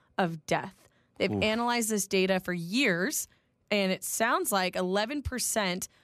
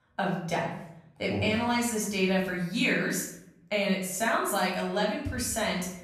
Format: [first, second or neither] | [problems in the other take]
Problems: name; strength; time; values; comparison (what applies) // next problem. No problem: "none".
first | off-mic speech; far // room echo; noticeable; dies away in 0.7 s